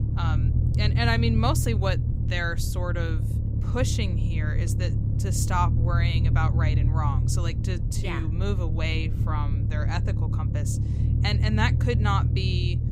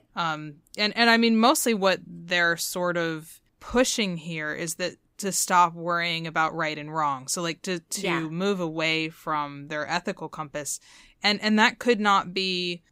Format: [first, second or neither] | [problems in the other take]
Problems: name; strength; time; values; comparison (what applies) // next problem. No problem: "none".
second | low rumble; loud; throughout; 7 dB below the speech